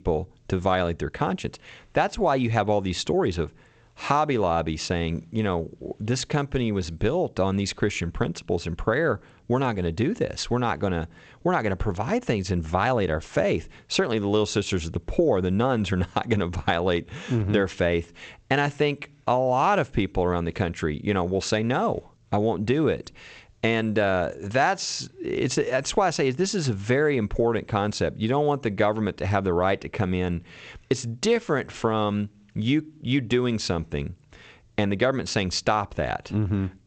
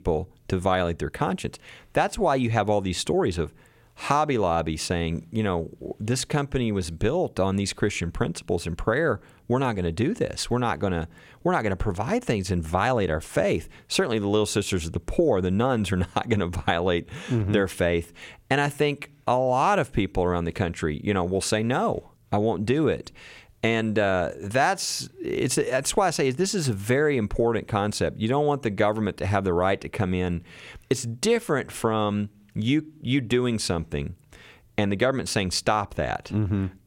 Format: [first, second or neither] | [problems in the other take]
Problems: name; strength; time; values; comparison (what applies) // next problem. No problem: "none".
second | garbled, watery; slightly; nothing above 8 kHz